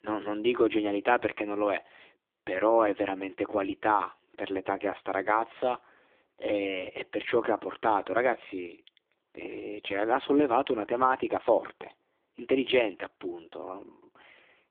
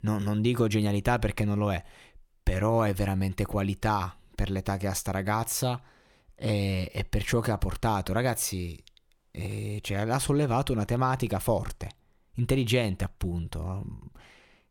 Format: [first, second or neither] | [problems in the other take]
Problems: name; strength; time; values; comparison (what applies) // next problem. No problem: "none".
second | phone-call audio; poor line